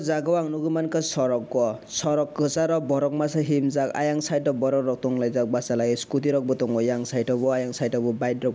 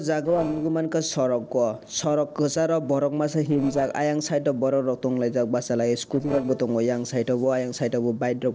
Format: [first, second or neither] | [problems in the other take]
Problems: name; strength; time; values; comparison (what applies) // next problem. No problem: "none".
first | noise reduction (neural separator model SepFormer DNS4)